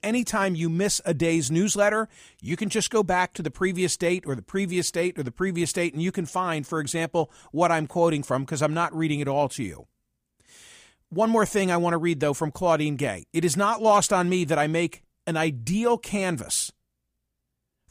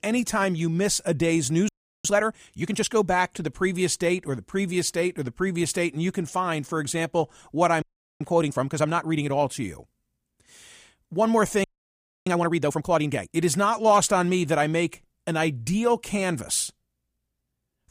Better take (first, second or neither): first